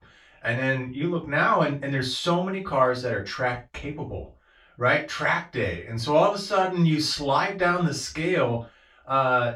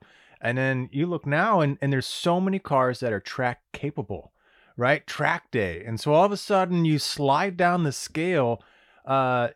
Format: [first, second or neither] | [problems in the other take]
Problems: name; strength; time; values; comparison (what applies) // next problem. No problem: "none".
second | room echo; slight; dies away in 0.2 s // off-mic speech; far